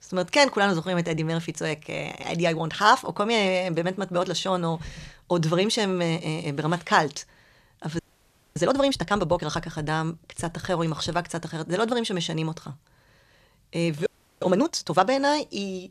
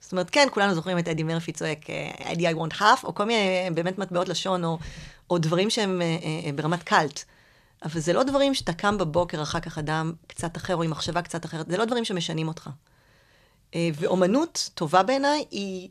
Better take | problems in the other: second | audio freezing; at 8 s for 0.5 s and at 14 s

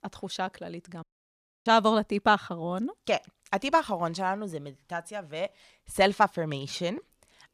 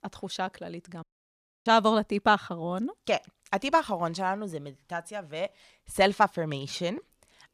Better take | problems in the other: neither | audio cutting out; at 1 s for 0.5 s; the same in both

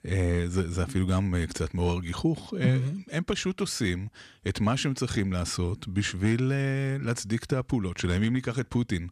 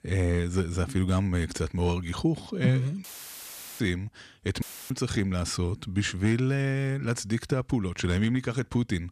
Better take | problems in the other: first | audio cutting out; filled with static; at 3 s for 1 s and at 4.5 s

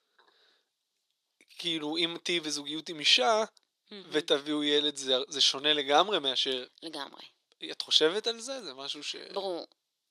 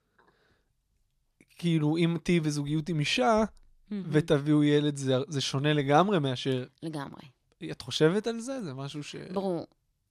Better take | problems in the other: second | thin; somewhat; fading below 350 Hz

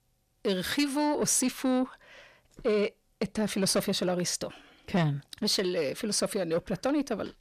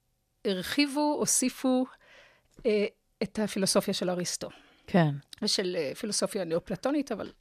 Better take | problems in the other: second | distortion; slight; 10 dB below the speech

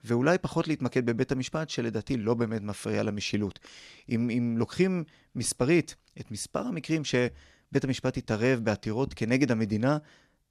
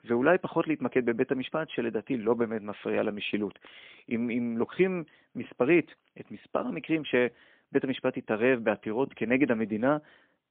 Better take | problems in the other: first | phone-call audio; poor line; nothing above 3.5 kHz

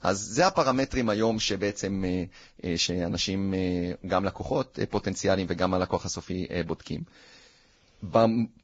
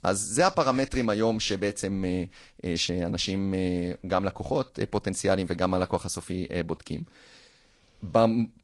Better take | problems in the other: second | garbled, watery; badly; slightly in the second

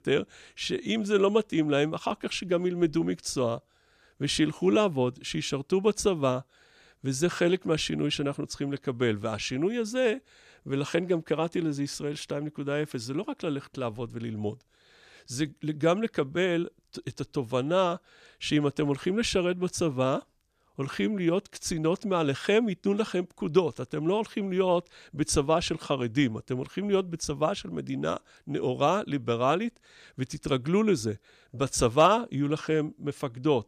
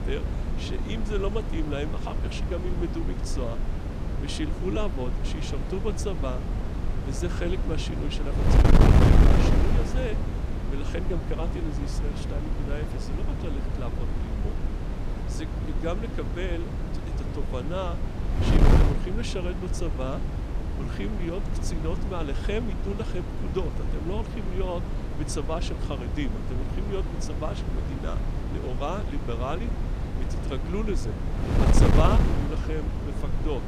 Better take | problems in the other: first | wind noise on the microphone; heavy; 1 dB below the speech

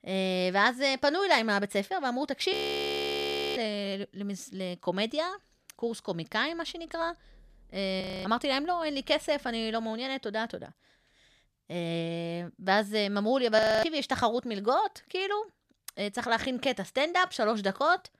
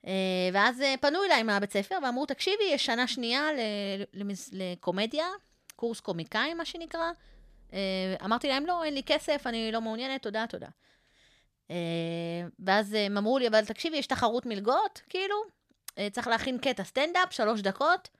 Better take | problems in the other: second | audio freezing; at 2.5 s for 1 s, at 8 s and at 14 s

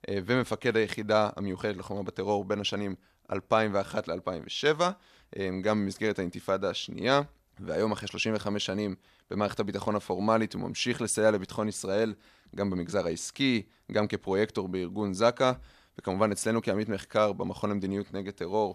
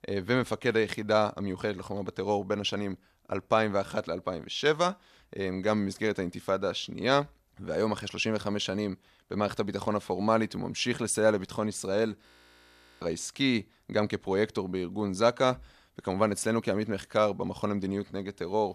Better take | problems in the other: first | audio freezing; at 12 s for 0.5 s

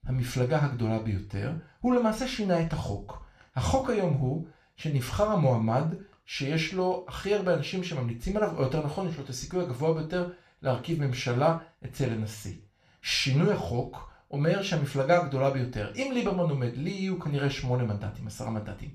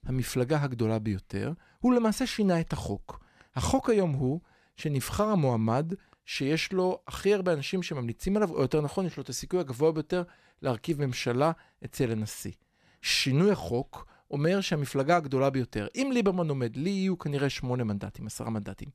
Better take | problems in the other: second | room echo; slight; dies away in 0.3 s // off-mic speech; somewhat distant

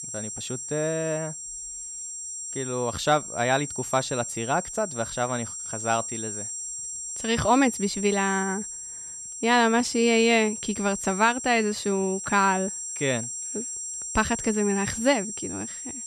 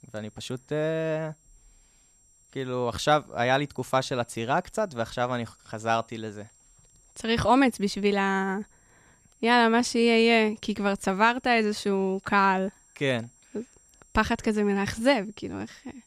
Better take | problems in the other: second | high-pitched whine; loud; throughout; 7.5 kHz, 7 dB below the speech; faint in the second

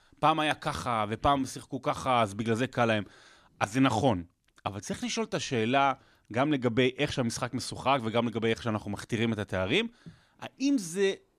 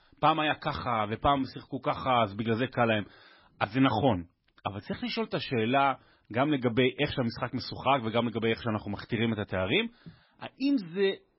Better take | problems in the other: first | garbled, watery; badly; nothing above 5.5 kHz

